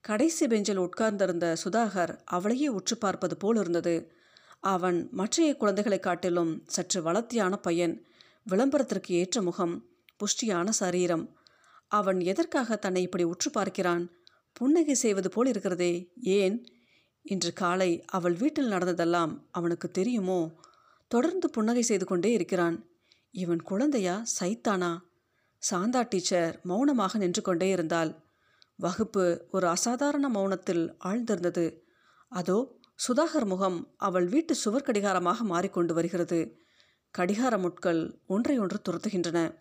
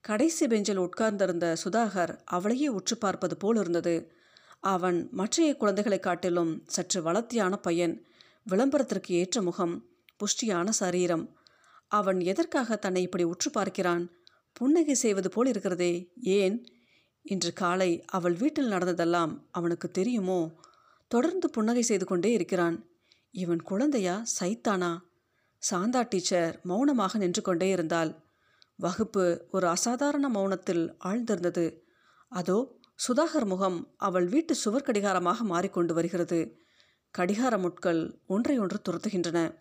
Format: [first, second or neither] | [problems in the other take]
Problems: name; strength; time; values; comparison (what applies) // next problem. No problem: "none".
neither | none